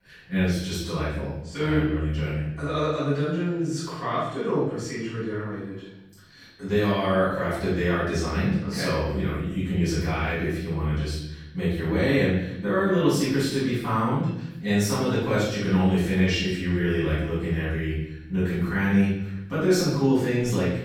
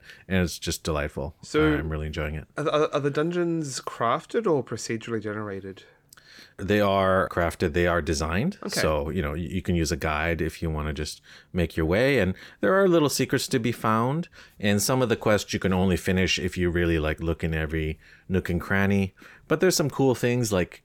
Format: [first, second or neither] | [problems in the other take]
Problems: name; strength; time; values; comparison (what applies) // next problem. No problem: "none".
second | room echo; strong; dies away in 1 s // off-mic speech; far